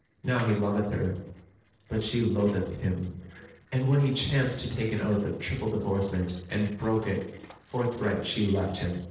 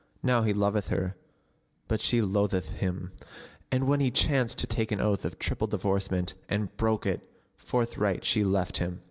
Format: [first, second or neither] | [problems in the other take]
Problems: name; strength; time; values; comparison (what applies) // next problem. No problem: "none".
second | noise reduction (neural separator model SepFormer DNS4)